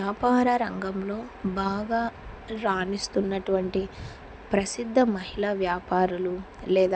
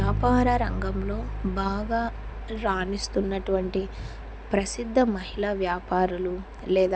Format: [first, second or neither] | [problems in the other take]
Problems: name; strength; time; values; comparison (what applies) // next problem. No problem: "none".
first | background sound (Bass guitar); 6 dB below the speech